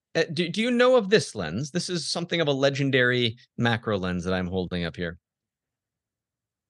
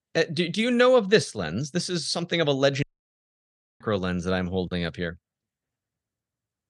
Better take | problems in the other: first | audio cutting out; at 3 s for 1 s

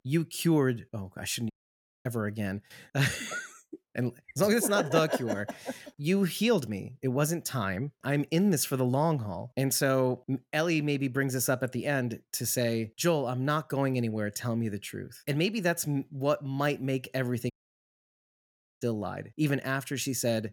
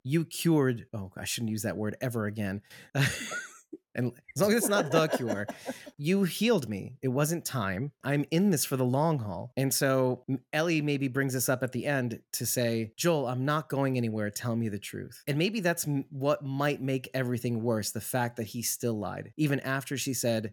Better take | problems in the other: second | audio cutting out; at 1.5 s for 0.5 s and at 18 s for 1.5 s

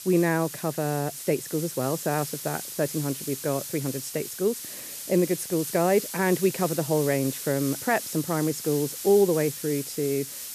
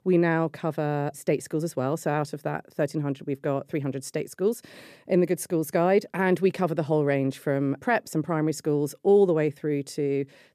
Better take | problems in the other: second | hiss; loud; throughout; 8 dB below the speech

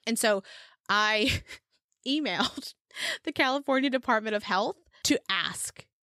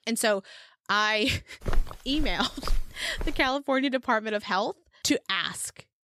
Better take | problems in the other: first | footsteps; noticeable; from 1.5 to 3.5 s; peak 6 dB below the speech

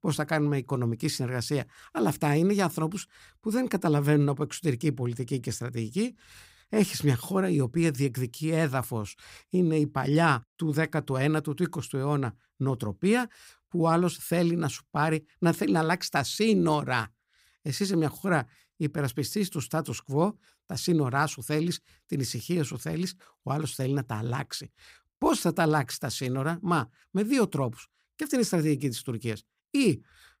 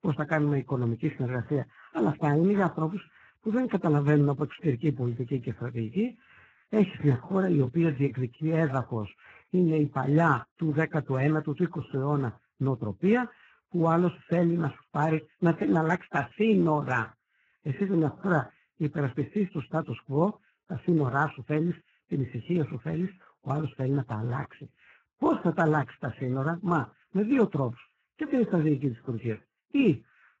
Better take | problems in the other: first | garbled, watery; badly

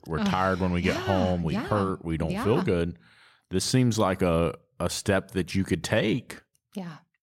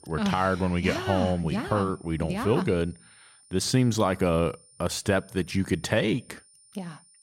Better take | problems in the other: first | high-pitched whine; faint; throughout; 9 kHz, 30 dB below the speech

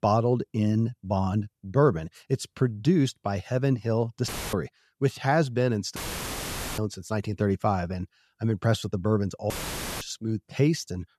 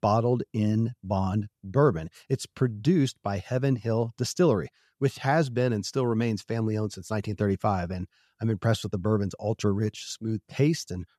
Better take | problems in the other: second | audio cutting out; filled with static; at 4.5 s, at 6 s for 1 s and at 9.5 s for 0.5 s

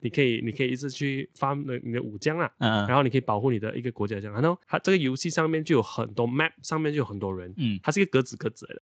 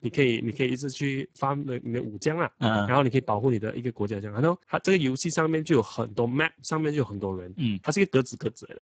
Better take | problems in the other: first | garbled, watery; badly; nothing above 8 kHz; slightly in the first

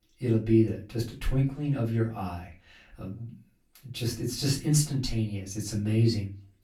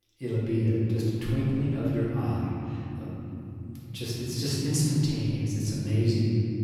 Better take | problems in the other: first | room echo; strong; dies away in 3 s; slight in the first // off-mic speech; far; far in the first

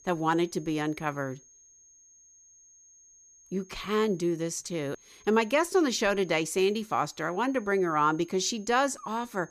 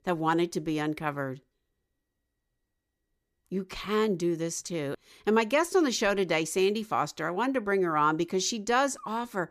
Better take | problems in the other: second | high-pitched whine; faint; throughout; 6.5 kHz, 25 dB below the speech

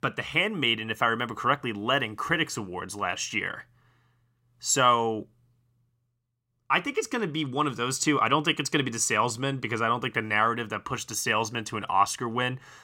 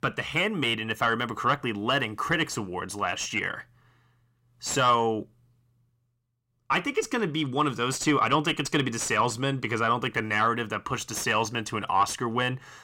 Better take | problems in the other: first | distortion; slight; 10 dB below the speech

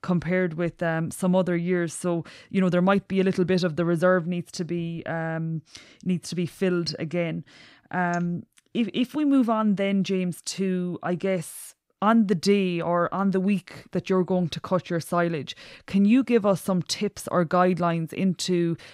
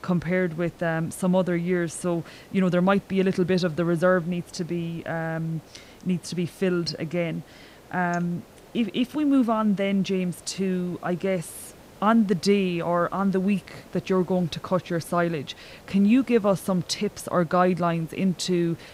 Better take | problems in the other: first | hiss; faint; throughout; 25 dB below the speech

